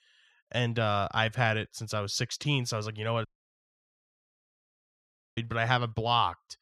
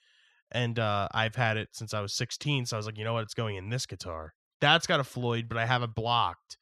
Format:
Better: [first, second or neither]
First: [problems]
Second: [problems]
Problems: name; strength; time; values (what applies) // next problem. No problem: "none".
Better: second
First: audio cutting out; at 3.5 s for 2 s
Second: none